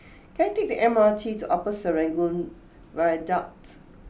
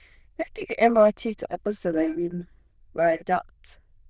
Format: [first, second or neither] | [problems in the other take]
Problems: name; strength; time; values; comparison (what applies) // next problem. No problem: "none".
first | noise reduction (neural diffusion model UNIVERSE++)